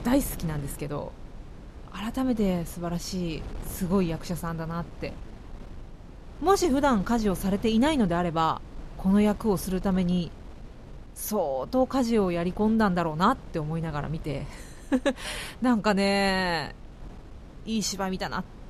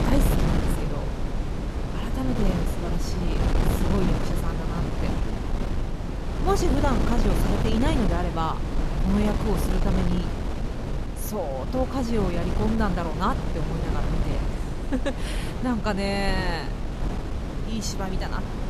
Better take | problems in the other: first | wind noise on the microphone; heavy; 3 dB below the speech; occasional gusts in the first

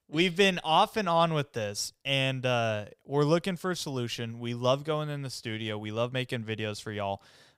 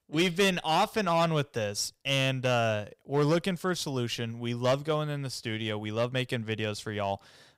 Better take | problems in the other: first | distortion; slight; 4% of the sound clipped

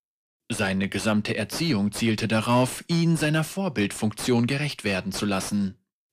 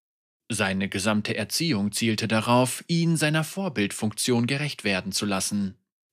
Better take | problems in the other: second | distortion; slight; 10 dB below the speech

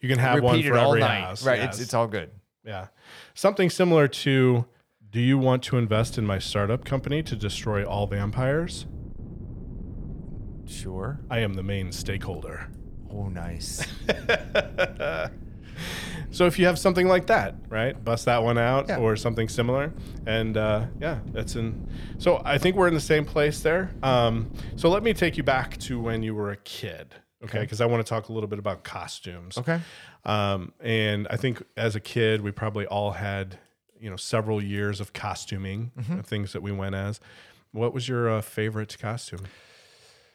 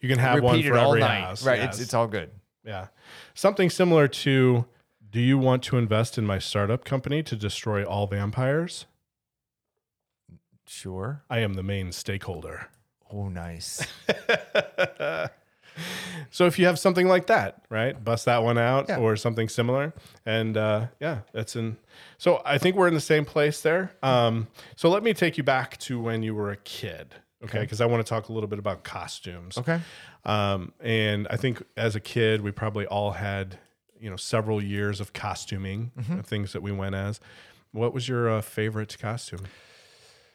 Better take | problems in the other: second | wind noise on the microphone; occasional gusts; from 6 to 26 s; 25 dB below the speech

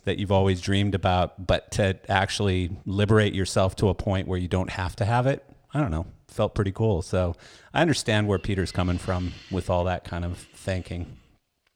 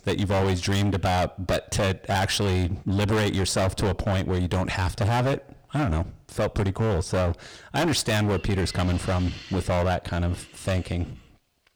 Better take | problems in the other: first | distortion; heavy; 22% of the sound clipped

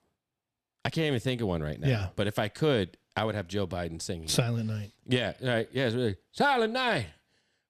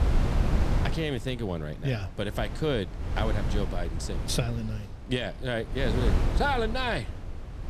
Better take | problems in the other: first | wind noise on the microphone; heavy; 8 dB below the speech

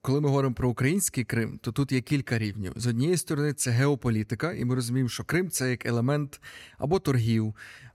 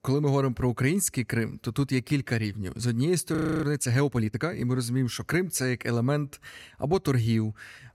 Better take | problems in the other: first | audio freezing; at 3.5 s

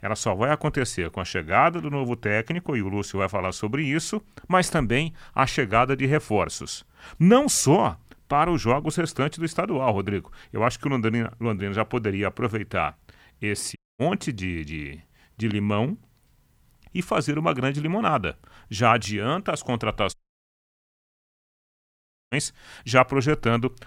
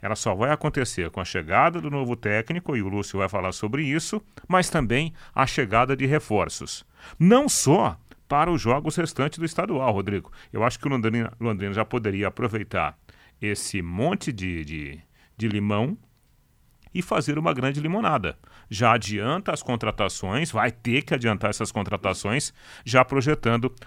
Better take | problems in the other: second | audio cutting out; at 14 s and at 20 s for 2 s

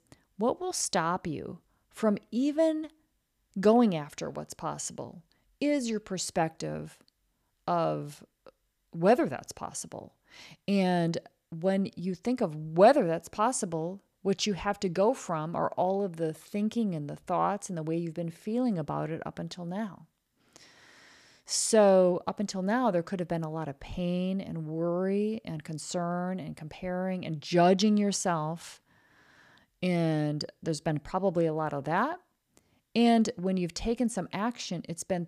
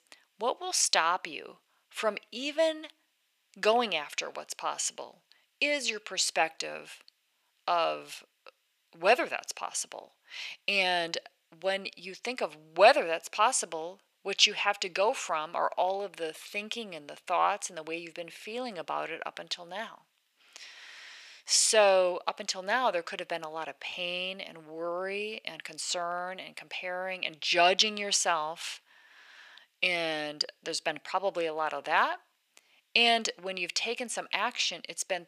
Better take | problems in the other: first | thin; very; fading below 650 Hz

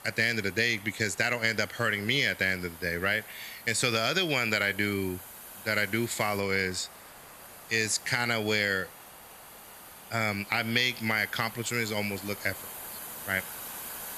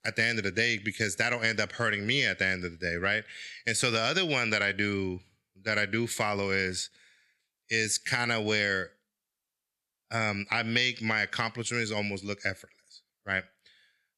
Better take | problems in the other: second | hiss; noticeable; throughout; 15 dB below the speech

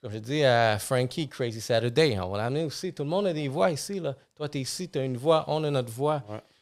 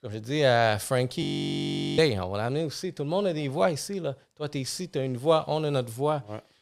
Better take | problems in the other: first | audio freezing; at 1 s for 1 s

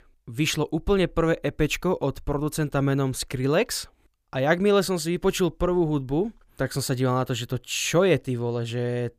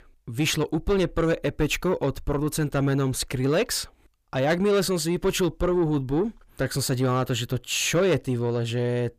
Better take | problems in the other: first | distortion; slight; 10 dB below the speech

